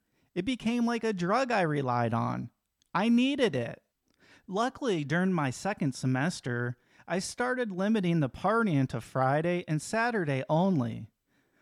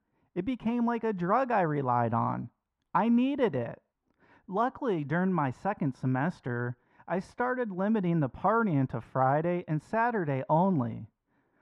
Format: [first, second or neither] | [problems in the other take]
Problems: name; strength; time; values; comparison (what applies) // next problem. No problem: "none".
first | muffled; very; fading above 3 kHz